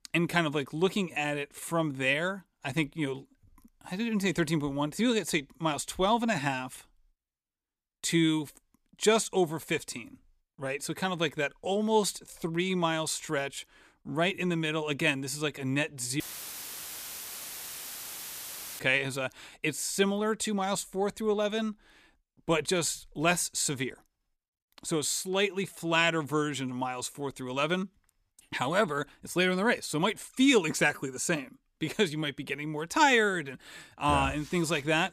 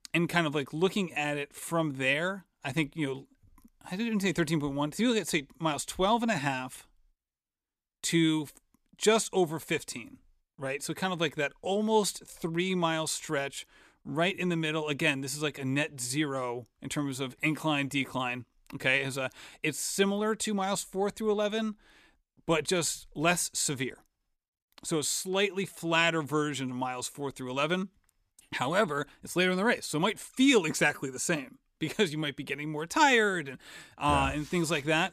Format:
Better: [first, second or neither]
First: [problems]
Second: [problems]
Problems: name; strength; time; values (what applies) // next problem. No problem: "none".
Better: second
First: audio cutting out; filled with static; at 16 s for 2.5 s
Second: none